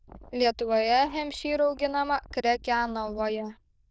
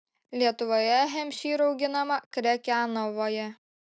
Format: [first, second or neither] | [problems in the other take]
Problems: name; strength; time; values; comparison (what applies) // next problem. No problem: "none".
second | noise reduction (neural diffusion model UNIVERSE++)